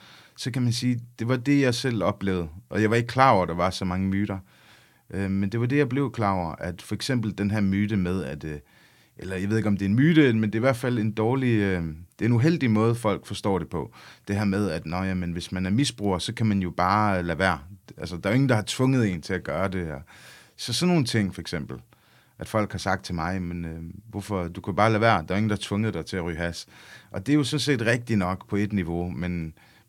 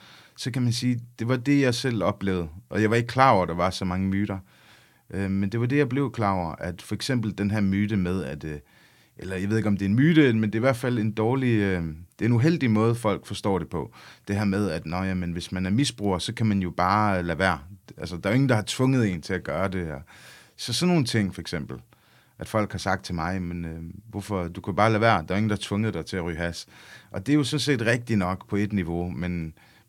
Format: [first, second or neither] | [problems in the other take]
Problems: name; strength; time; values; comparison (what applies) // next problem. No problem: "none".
neither | none